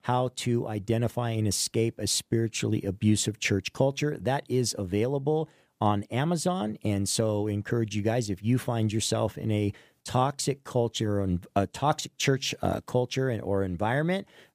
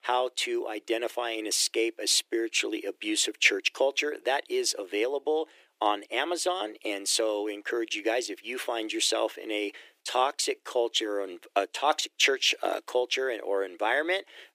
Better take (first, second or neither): first